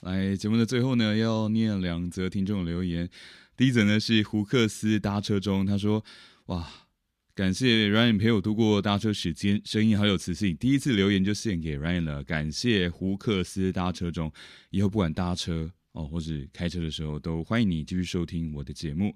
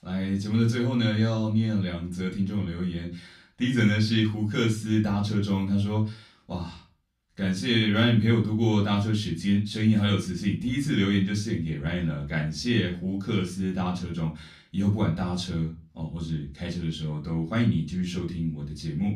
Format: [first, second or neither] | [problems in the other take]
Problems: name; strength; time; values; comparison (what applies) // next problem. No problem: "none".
first | off-mic speech; far // room echo; very slight; dies away in 0.3 s